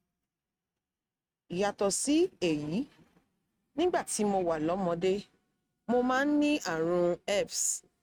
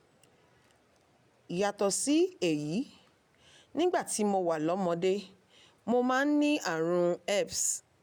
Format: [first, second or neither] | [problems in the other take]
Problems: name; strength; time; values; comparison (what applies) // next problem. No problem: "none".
second | noise reduction (neural mask model RNNoise)